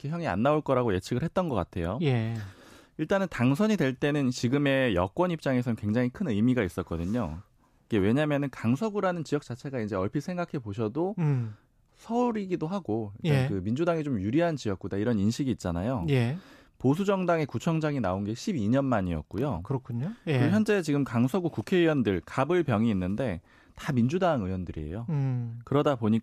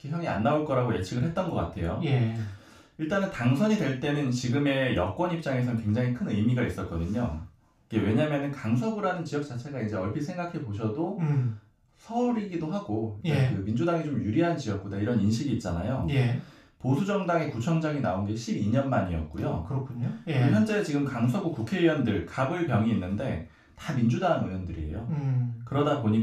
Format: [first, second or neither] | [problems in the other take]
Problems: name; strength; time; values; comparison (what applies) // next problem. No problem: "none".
first | room echo; slight; dies away in 0.3 s // off-mic speech; far